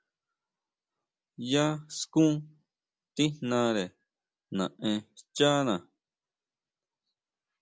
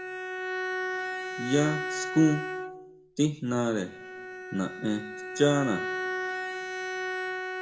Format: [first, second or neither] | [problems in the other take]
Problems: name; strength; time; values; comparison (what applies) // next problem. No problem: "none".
first | background sound (Bowed string instrument); 4 dB below the speech // room echo; dies away in 0.7 s